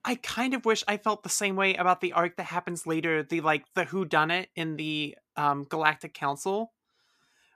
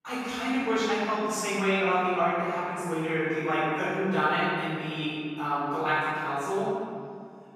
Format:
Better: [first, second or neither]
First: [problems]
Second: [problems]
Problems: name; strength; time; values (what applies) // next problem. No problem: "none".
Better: first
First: none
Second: off-mic speech; far // room echo; strong; dies away in 2.2 s